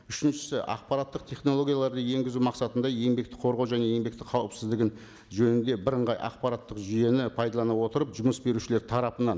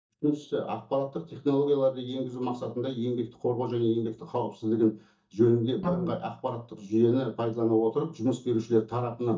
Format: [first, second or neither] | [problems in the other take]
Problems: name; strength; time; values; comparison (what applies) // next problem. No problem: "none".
first | noise reduction (neural mask model DeepFilterNet 3)